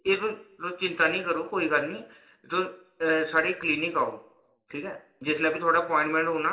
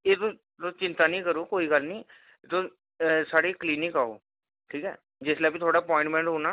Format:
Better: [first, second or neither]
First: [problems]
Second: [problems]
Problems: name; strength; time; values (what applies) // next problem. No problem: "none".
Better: second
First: room echo; dies away in 0.5 s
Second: none